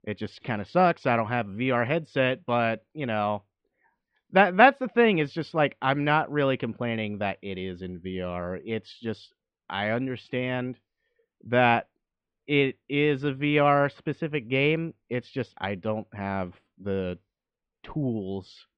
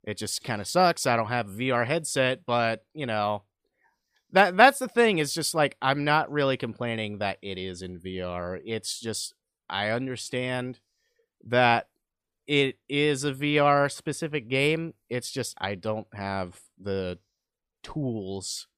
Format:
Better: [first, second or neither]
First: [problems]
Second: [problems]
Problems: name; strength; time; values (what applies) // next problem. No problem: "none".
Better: second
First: muffled; very; fading above 3 kHz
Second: none